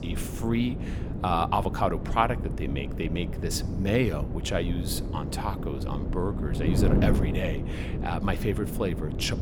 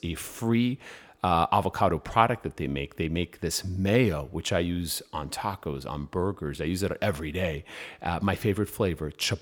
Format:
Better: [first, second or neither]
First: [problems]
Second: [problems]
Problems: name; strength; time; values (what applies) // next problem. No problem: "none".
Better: second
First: wind noise on the microphone; heavy; 8 dB below the speech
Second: none